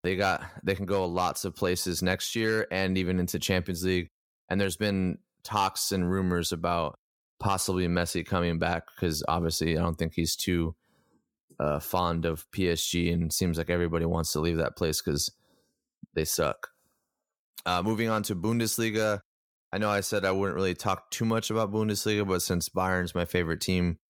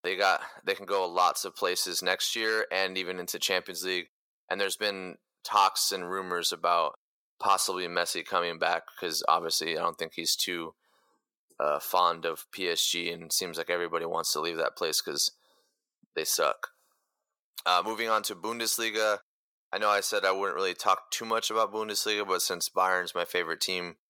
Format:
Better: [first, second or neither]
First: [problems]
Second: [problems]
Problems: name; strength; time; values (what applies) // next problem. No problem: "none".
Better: first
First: none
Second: thin; very; fading below 600 Hz